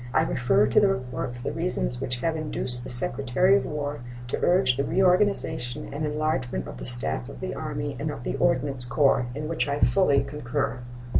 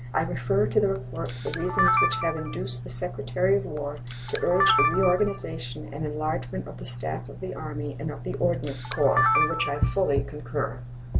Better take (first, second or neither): first